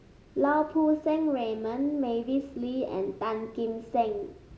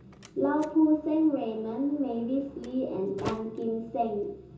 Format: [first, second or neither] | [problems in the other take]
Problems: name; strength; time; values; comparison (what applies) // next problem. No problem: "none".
first | background sound (Slam); 18 dB below the speech // room echo; dies away in 0.6 s